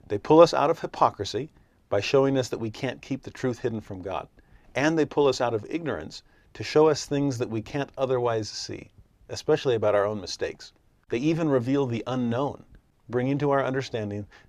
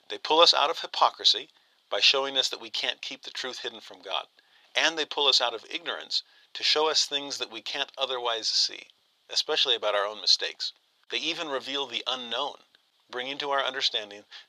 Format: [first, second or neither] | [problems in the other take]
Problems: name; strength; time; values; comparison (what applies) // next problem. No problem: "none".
first | thin; very; fading below 800 Hz